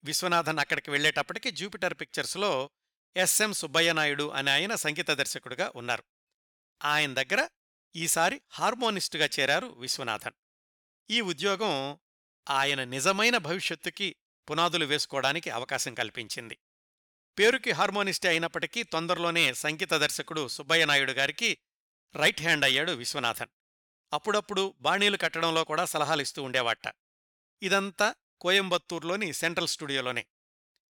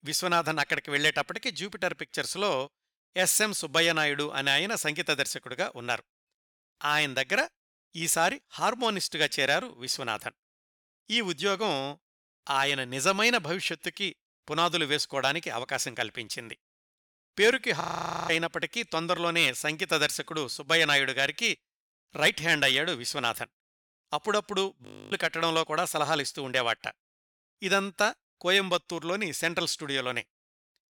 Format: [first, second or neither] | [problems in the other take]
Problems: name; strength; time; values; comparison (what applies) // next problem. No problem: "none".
first | audio freezing; at 18 s and at 25 s